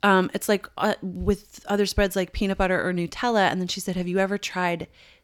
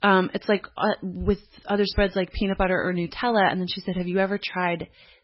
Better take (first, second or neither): first